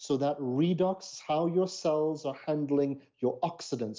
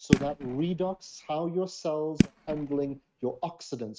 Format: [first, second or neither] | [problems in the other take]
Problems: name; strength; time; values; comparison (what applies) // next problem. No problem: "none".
first | noise reduction (neural mask model RNNoise)